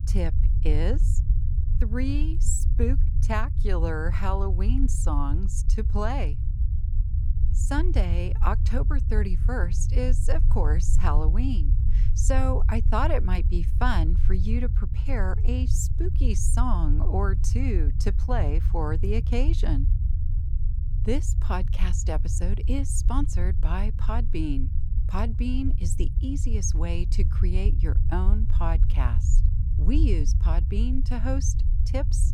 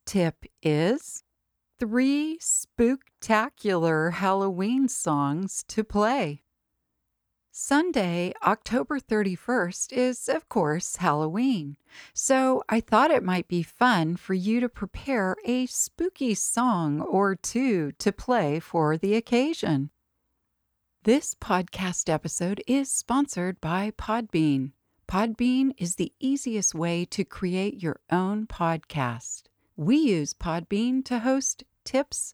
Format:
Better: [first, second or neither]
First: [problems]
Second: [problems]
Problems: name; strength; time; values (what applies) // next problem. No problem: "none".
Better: second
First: low rumble; noticeable; throughout; 10 dB below the speech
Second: none